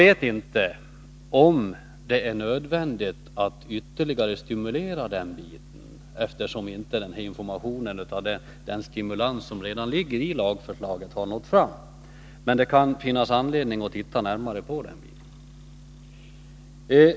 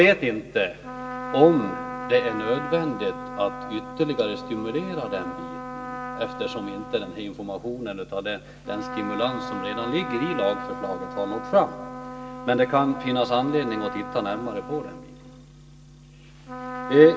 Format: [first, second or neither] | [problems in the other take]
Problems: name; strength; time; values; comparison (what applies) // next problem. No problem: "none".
first | background sound (Trumpet); 10 dB below the speech // room echo; dies away in 0.6 s